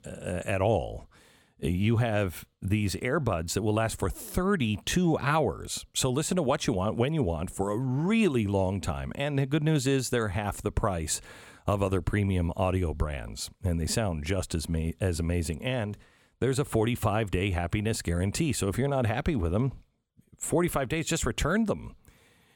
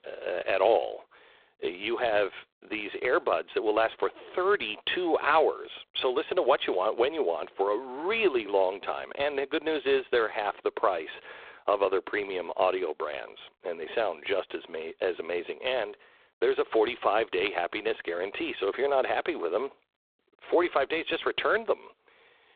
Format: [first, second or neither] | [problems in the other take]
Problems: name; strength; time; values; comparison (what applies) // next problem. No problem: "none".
first | phone-call audio; poor line